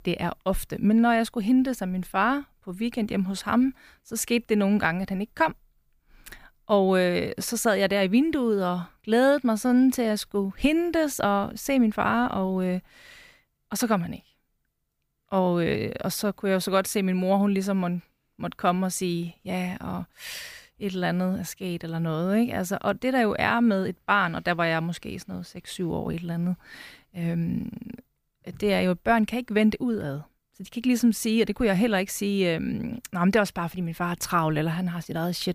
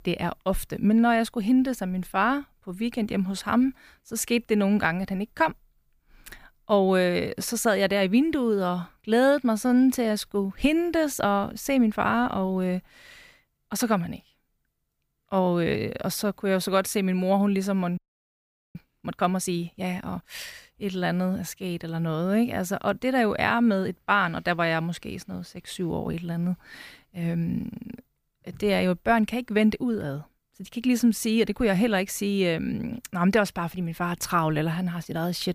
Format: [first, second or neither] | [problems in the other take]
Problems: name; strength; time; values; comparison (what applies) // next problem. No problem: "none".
first | audio freezing; at 18 s for 1 s